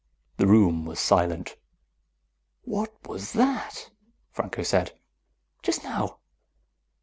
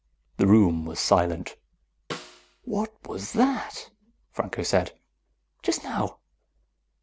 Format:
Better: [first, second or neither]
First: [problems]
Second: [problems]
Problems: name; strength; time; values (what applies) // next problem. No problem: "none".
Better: first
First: none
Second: background sound (Snare drum); 16 dB below the speech